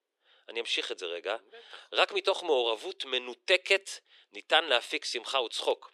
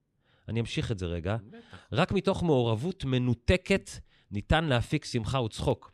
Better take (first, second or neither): second